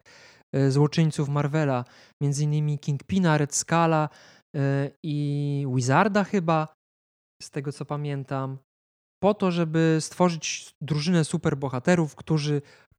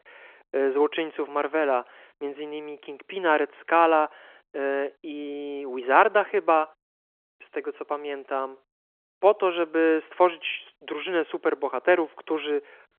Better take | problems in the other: first | phone-call audio

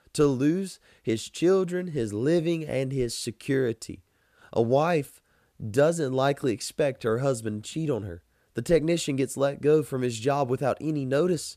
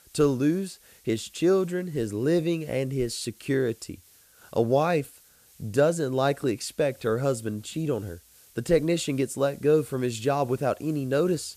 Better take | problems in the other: first | hiss; faint; throughout; 25 dB below the speech

